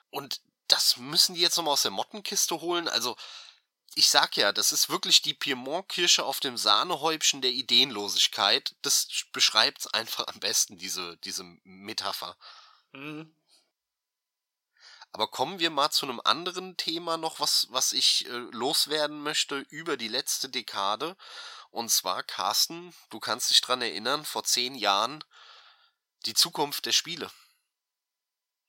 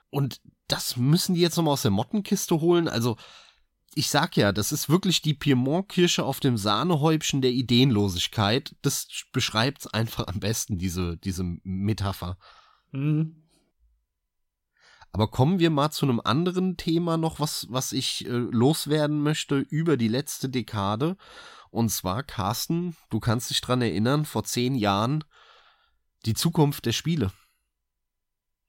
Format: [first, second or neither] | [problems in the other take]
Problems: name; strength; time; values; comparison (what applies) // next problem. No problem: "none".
second | thin; very; fading below 650 Hz